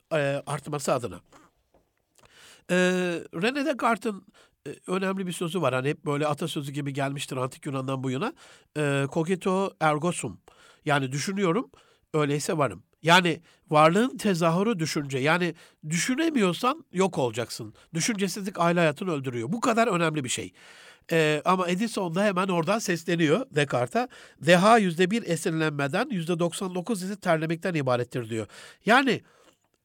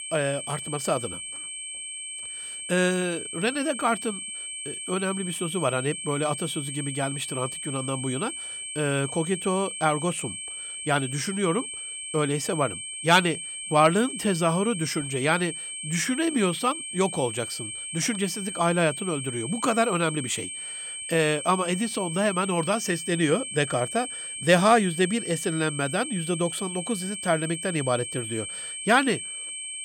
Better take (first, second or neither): first